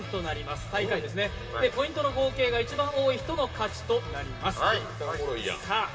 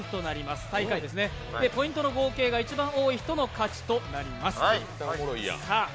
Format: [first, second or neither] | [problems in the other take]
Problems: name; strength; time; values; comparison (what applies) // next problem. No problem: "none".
second | room echo; dies away in 2.9 s